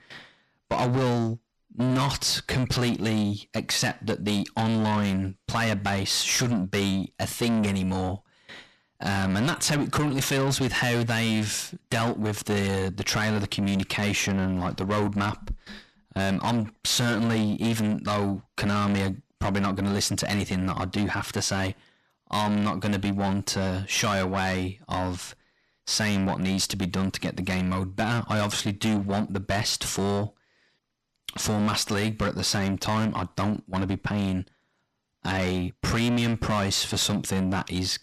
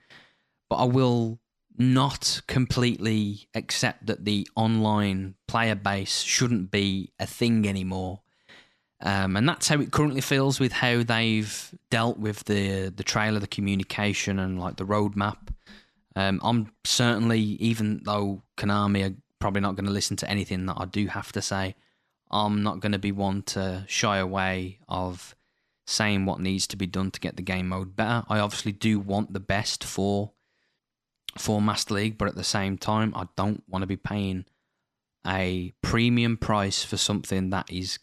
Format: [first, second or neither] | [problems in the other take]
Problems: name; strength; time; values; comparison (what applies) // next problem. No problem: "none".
second | distortion; heavy; 7 dB below the speech